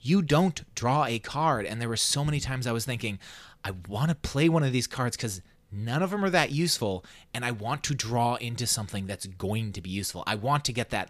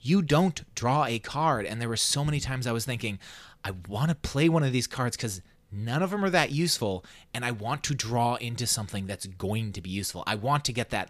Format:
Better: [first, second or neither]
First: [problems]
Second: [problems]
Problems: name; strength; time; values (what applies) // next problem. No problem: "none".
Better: neither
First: none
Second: none